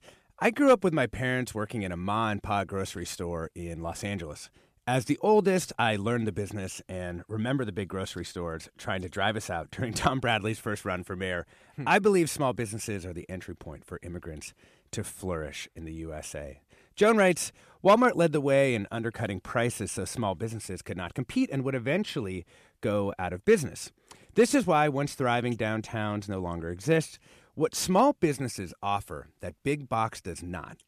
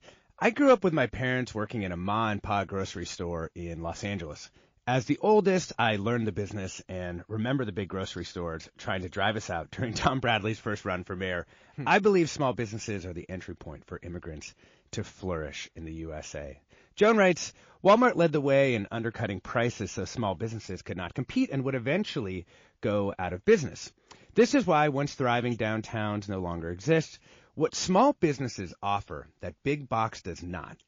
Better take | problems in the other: first | garbled, watery; slightly; nothing above 6 kHz

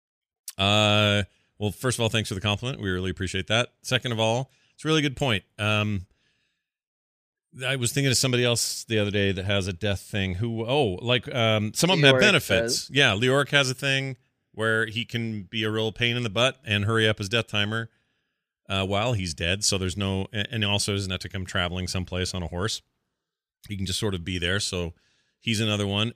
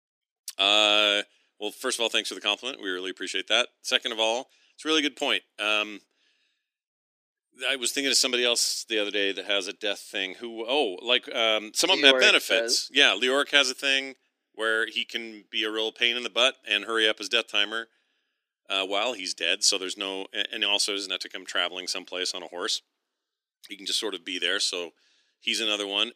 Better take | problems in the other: first | thin; somewhat; fading below 300 Hz

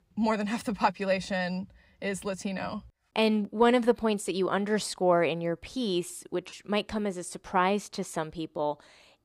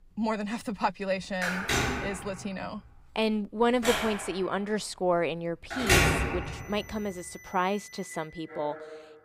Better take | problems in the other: first | alarms or sirens; very loud; throughout; 2 dB above the speech

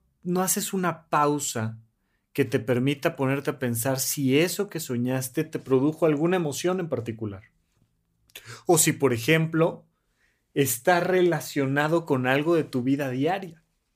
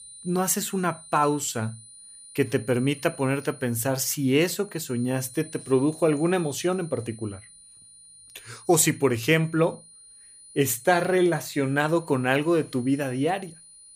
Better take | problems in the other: first | high-pitched whine; noticeable; throughout; 9.5 kHz, 20 dB below the speech

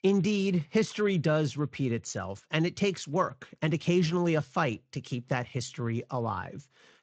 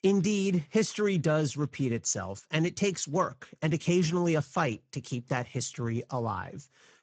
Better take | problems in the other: first | garbled, watery; badly; nothing above 7.5 kHz; slightly in the first

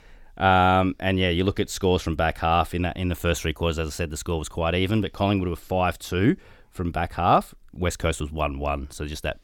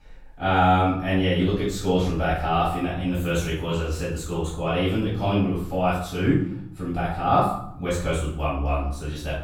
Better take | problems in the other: first | room echo; noticeable; dies away in 0.6 s // off-mic speech; far

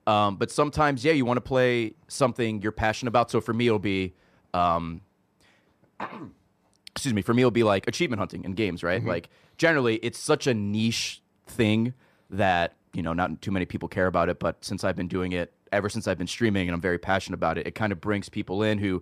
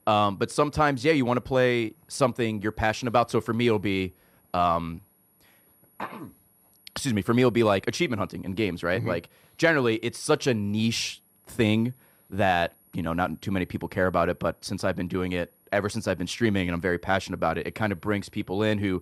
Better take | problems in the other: first | high-pitched whine; faint; throughout; 11.5 kHz, 35 dB below the speech

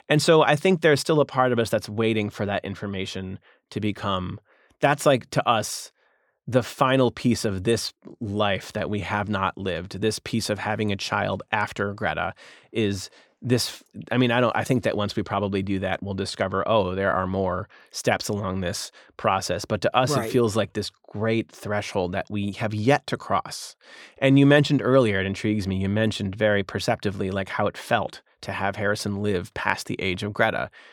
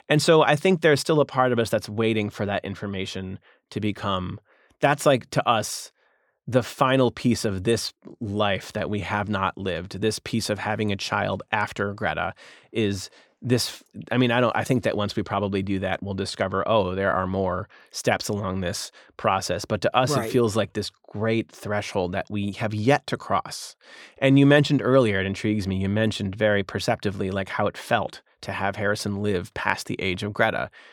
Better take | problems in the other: neither | none

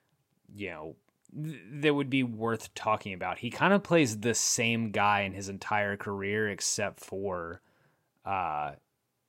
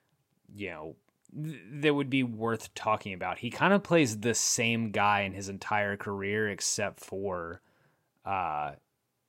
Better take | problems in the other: neither | none

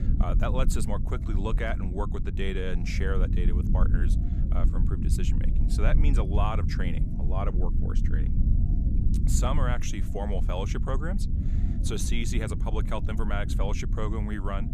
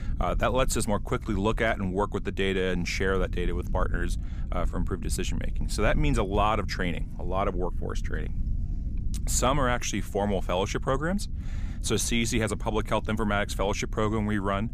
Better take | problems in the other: second | low rumble; loud; throughout; 7 dB below the speech; faint in the second

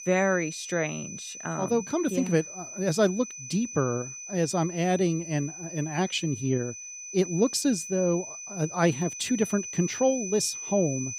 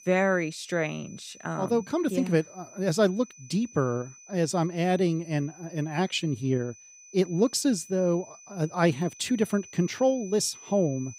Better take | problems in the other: second | high-pitched whine; loud; throughout; 6 kHz, 9 dB below the speech; faint in the second

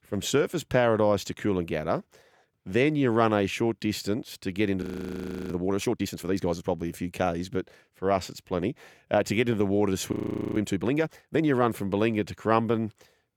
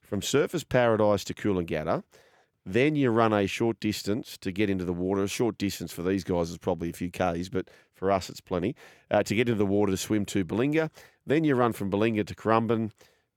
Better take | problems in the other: second | audio freezing; at 5 s for 0.5 s and at 10 s

